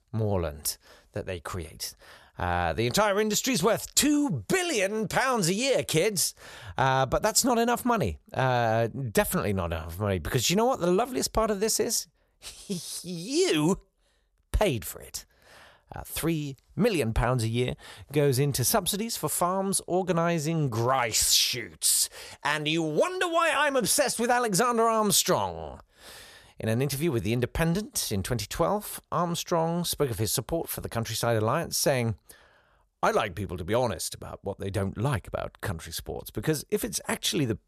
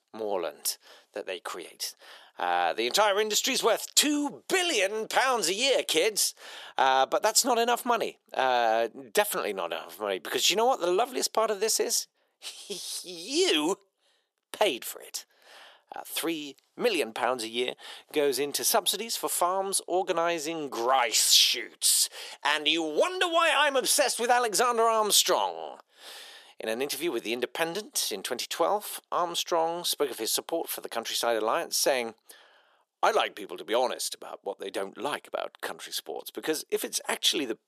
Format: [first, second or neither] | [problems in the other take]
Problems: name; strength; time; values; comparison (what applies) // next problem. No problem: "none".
first | thin; somewhat; fading below 300 Hz